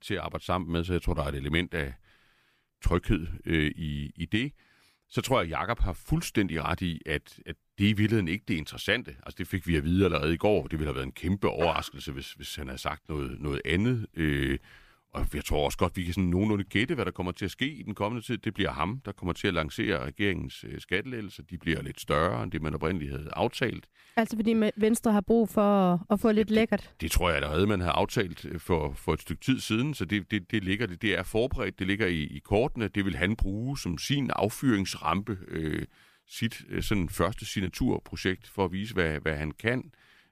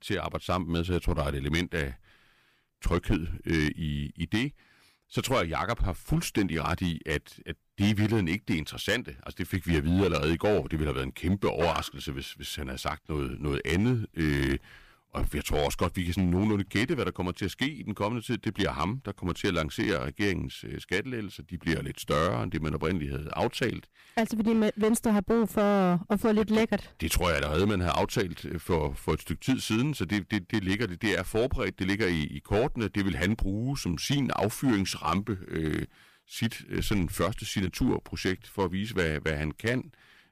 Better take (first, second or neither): first